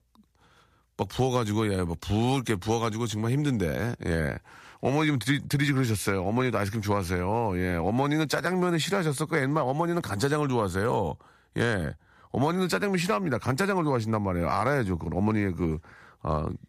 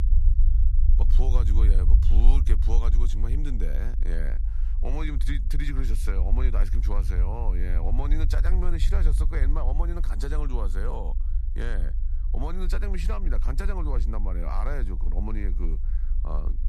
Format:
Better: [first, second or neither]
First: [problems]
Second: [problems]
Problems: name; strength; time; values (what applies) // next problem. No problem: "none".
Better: first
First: none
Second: low rumble; loud; throughout; 9 dB below the speech